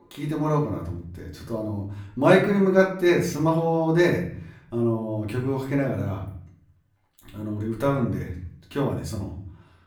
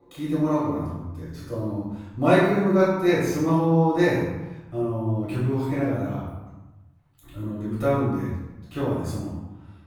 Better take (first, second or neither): first